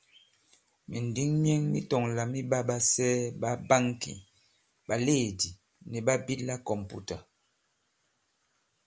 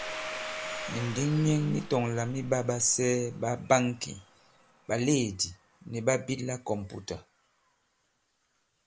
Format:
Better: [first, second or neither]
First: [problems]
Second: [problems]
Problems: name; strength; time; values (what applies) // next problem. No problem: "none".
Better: first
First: none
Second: background sound (Domestic sounds, home sounds); 13 dB below the speech